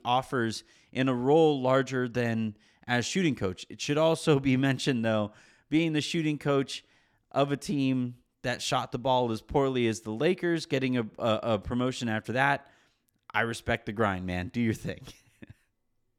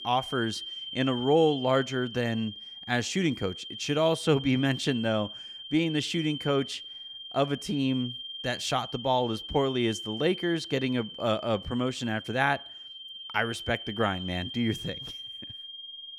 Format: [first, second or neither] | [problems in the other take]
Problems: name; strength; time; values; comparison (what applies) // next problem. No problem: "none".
first | high-pitched whine; loud; throughout; 3 kHz, 9 dB below the speech